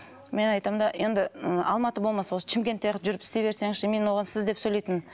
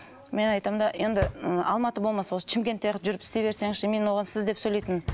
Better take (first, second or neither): first